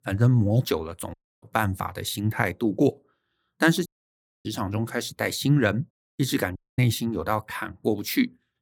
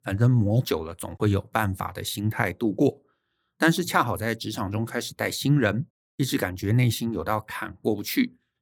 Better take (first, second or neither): second